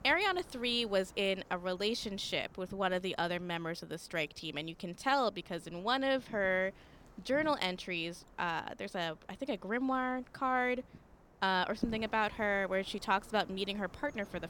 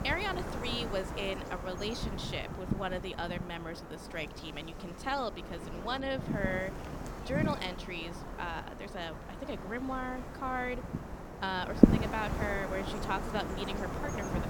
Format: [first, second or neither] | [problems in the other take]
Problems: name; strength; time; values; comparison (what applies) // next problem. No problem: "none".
first | wind noise on the microphone; heavy; 3 dB below the speech; occasional gusts in the first